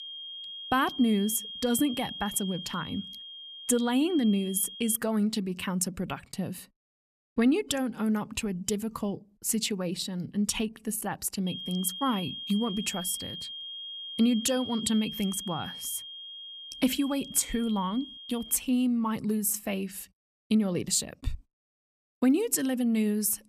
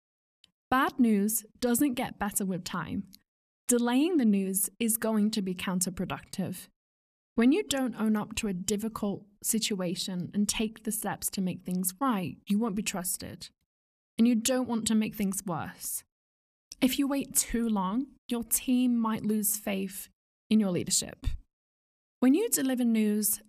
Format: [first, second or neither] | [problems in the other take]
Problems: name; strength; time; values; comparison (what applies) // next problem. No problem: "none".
second | high-pitched whine; loud; until 5 s and from 11 to 19 s; 3 kHz, 9 dB below the speech